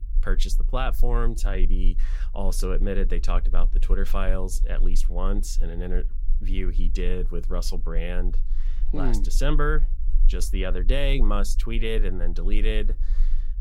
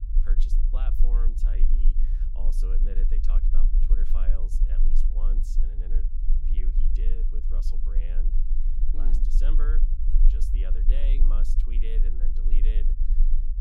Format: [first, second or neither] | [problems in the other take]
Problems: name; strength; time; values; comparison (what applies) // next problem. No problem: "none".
first | low rumble; loud; throughout; 4 dB below the speech; faint in the first